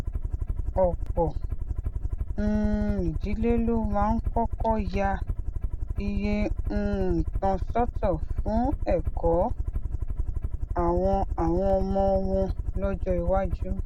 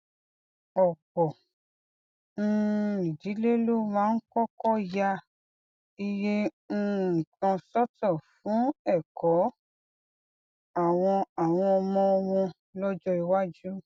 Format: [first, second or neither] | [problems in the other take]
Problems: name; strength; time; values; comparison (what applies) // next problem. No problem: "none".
second | background sound (Aircraft); as loud as the speech